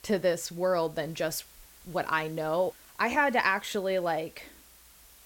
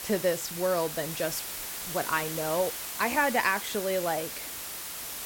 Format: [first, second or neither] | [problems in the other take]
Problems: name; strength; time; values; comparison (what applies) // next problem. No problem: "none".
first | hiss; loud; throughout; 5 dB below the speech; faint in the first